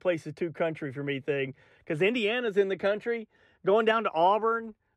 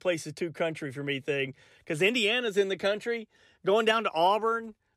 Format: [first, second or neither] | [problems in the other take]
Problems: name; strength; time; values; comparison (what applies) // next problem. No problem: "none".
second | muffled; slightly; fading above 3 kHz